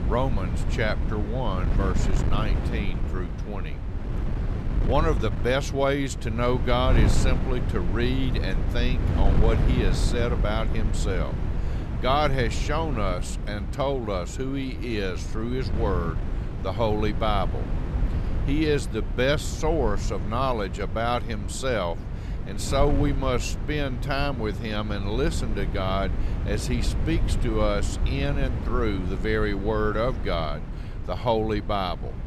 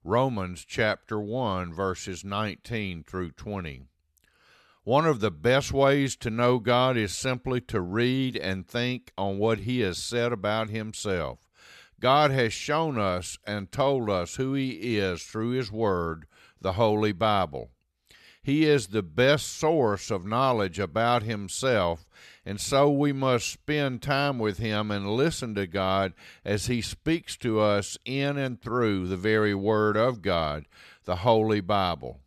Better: second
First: wind noise on the microphone; occasional gusts; 10 dB below the speech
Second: none

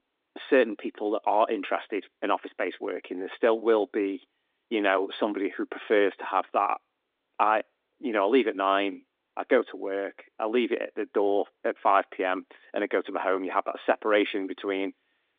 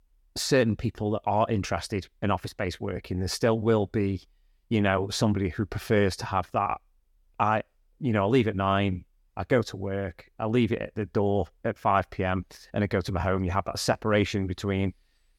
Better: second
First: phone-call audio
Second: none

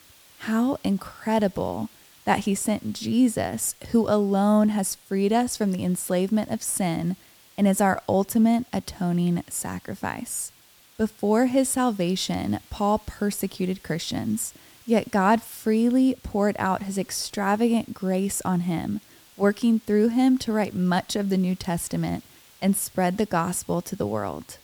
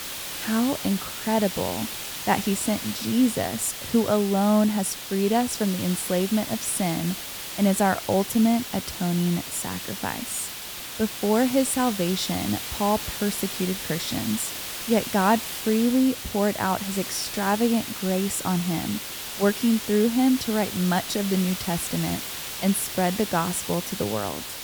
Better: first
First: hiss; faint; throughout; 25 dB below the speech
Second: hiss; loud; throughout; 7 dB below the speech

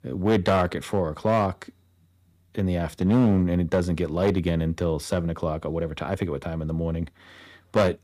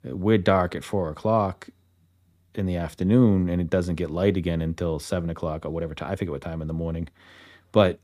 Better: second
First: distortion; slight; 3% of the sound clipped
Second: none

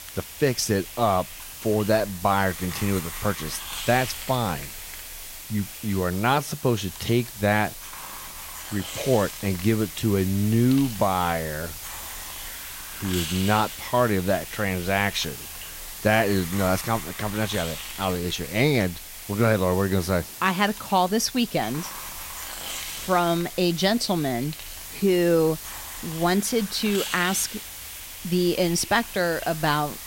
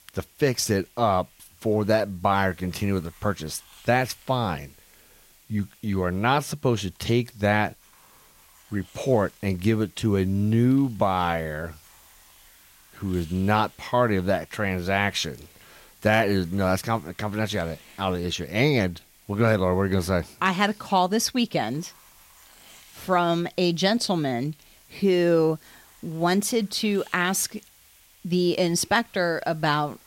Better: second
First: hiss; loud; throughout; 10 dB below the speech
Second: hiss; faint; throughout; 25 dB below the speech

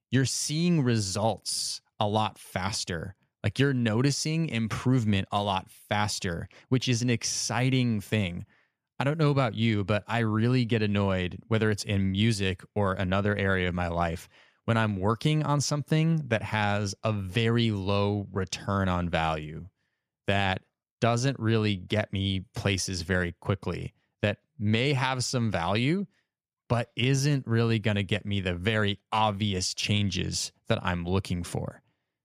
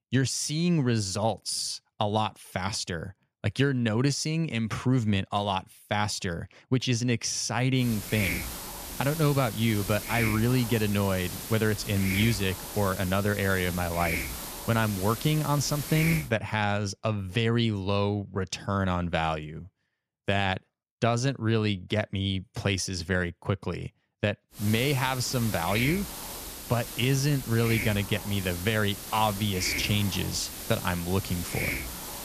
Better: first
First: none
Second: hiss; loud; from 8 to 16 s and from 25 s on; 7 dB below the speech

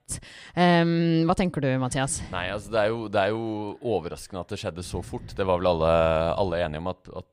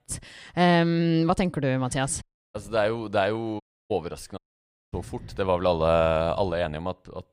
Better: first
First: none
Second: audio cutting out; at 2 s, at 3.5 s and at 4.5 s for 0.5 s

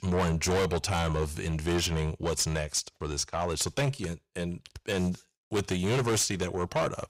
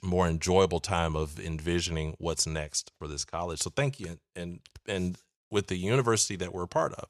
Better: second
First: distortion; heavy; 6 dB below the speech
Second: none

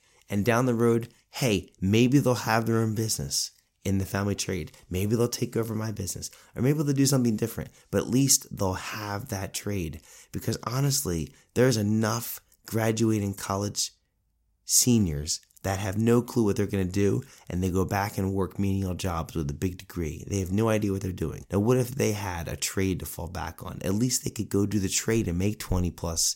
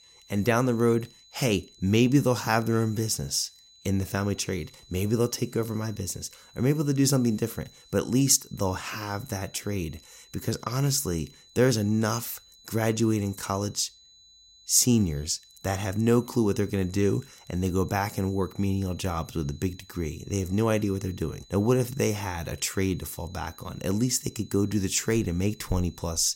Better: first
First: none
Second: high-pitched whine; faint; throughout; 4 kHz, 25 dB below the speech

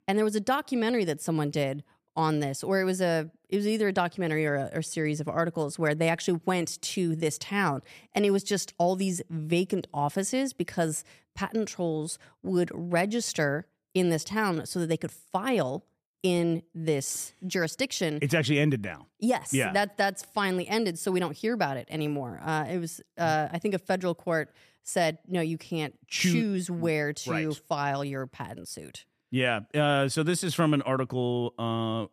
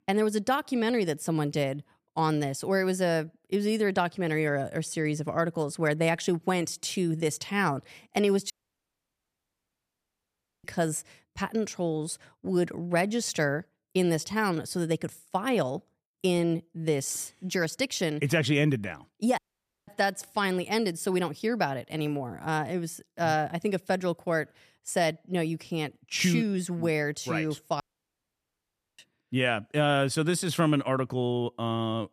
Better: first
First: none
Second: audio cutting out; at 8.5 s for 2 s, at 19 s for 0.5 s and at 28 s for 1 s

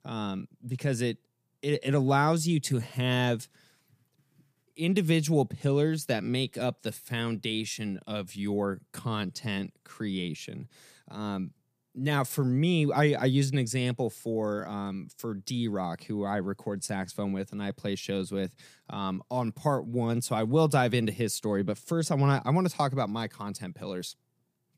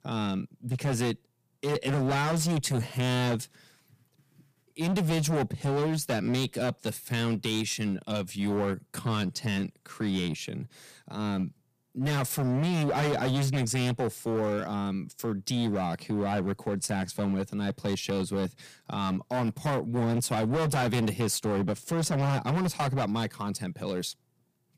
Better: first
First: none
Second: distortion; heavy; 17% of the sound clipped

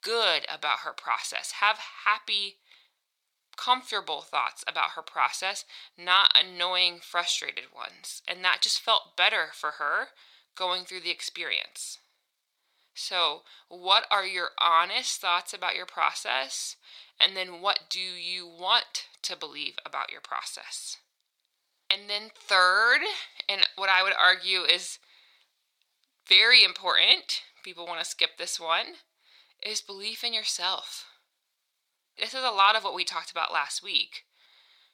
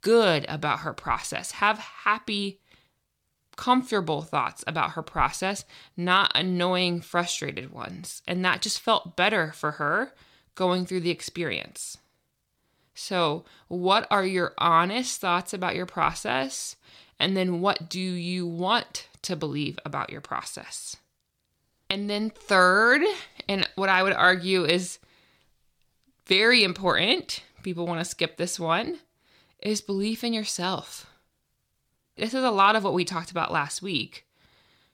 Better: second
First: thin; very; fading below 800 Hz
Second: none

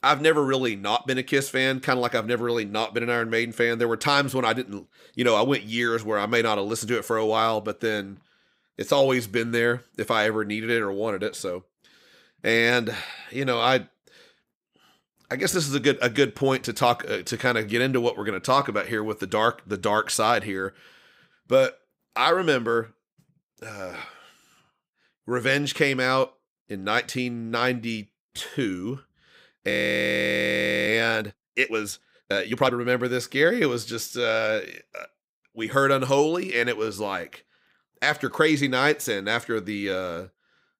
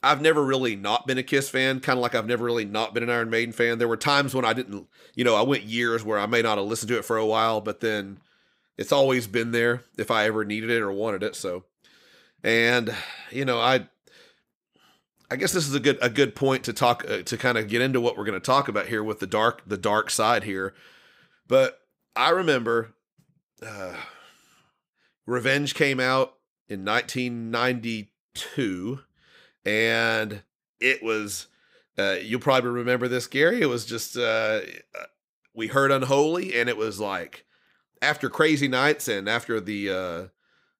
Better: second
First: audio freezing; at 30 s for 1 s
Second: none

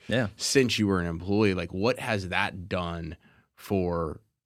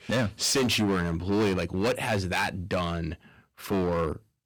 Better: first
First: none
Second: distortion; heavy; 13% of the sound clipped

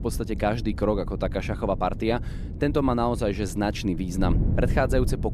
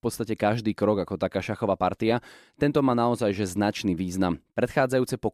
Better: second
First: wind noise on the microphone; occasional gusts; 15 dB below the speech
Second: none

